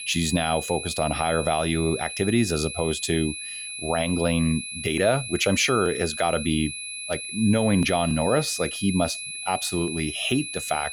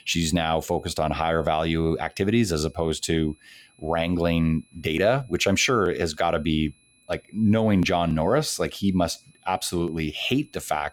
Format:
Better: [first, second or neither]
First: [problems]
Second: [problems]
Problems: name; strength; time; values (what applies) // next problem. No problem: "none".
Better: second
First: high-pitched whine; loud; throughout; 2.5 kHz, 7 dB below the speech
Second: high-pitched whine; faint; throughout; 2.5 kHz, 35 dB below the speech